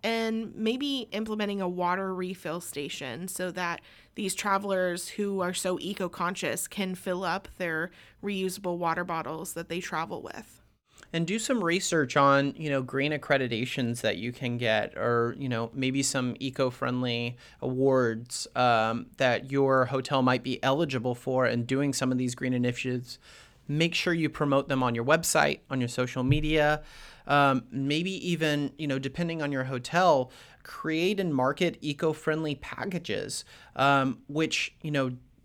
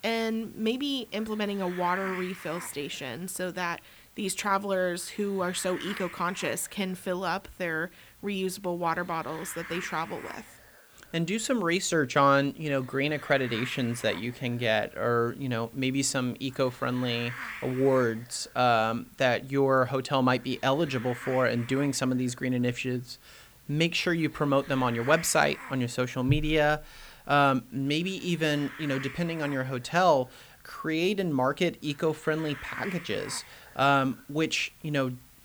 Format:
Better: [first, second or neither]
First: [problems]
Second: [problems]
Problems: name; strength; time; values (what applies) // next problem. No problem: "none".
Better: first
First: none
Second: hiss; noticeable; throughout; 15 dB below the speech